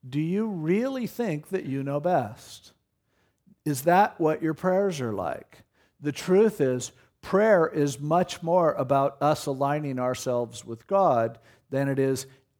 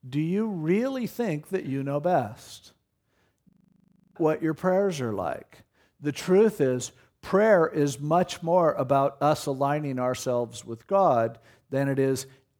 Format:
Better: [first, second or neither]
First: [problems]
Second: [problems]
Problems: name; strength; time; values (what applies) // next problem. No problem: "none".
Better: first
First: none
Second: audio freezing; at 3.5 s for 0.5 s